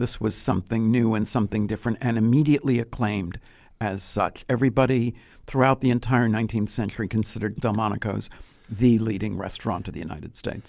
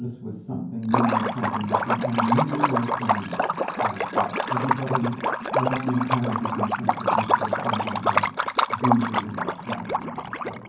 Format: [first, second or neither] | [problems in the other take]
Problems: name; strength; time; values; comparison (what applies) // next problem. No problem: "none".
first | background sound (Liquid); 3 dB above the speech // room echo; dies away in 0.9 s